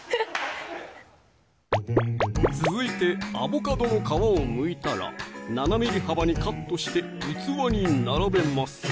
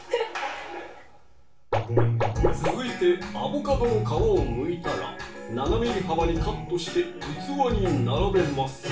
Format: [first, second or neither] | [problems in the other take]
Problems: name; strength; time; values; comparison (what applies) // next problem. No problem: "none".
first | room echo; dies away in 0.3 s